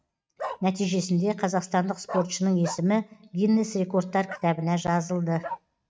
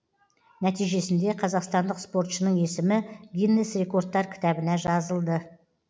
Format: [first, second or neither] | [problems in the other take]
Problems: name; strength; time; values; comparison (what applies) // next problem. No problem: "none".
second | noise reduction (neural mask model RNNoise)